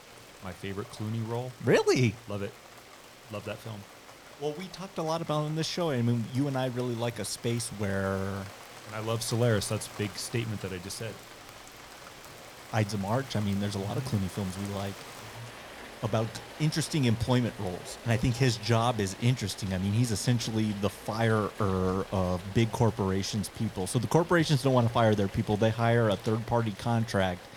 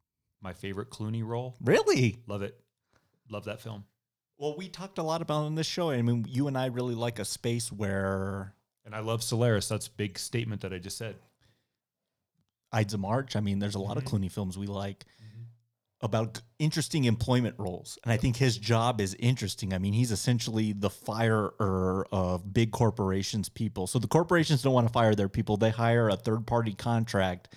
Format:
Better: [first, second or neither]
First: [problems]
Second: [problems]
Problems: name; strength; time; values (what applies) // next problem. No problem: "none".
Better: second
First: rain or running water; noticeable; throughout; 15 dB below the speech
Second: none